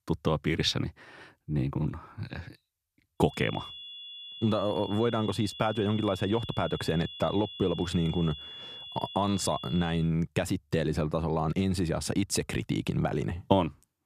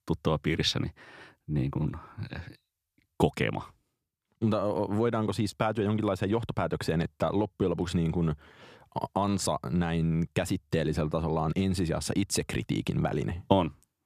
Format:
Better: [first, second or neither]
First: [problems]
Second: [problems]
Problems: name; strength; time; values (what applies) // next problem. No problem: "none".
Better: second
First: high-pitched whine; noticeable; from 3.5 to 10 s; 3.5 kHz, 10 dB below the speech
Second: none